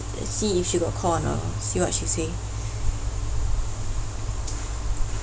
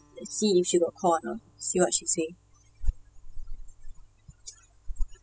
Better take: first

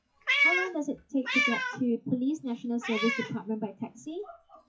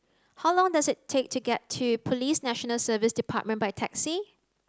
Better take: second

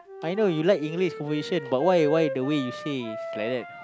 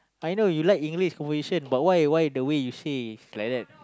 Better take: second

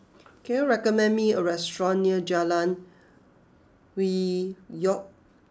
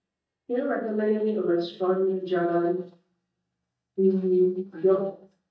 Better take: first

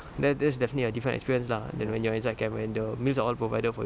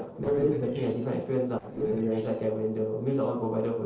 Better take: first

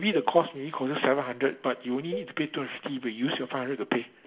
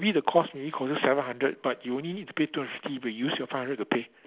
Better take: second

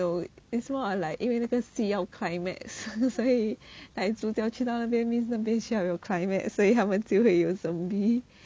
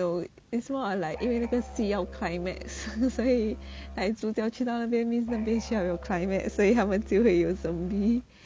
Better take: first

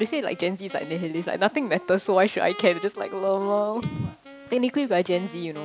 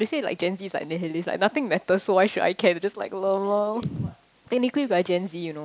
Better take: second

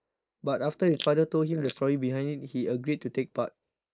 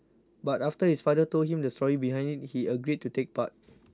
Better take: second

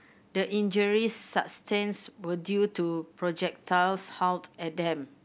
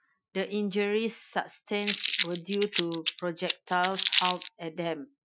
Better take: first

